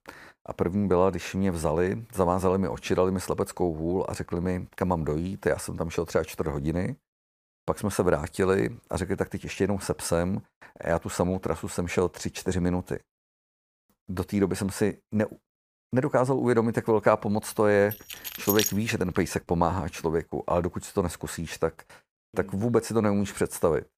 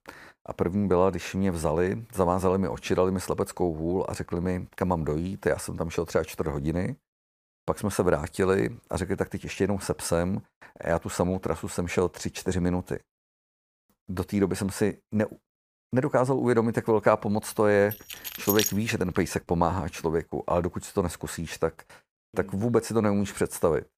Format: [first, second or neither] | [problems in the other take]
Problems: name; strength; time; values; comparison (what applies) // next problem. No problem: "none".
neither | jangling keys; loud; at 18 s; peak 1 dB above the speech; the same in both